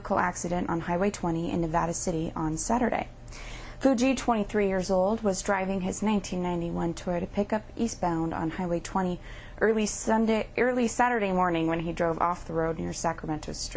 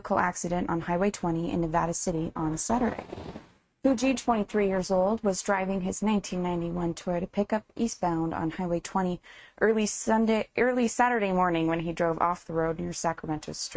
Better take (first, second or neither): first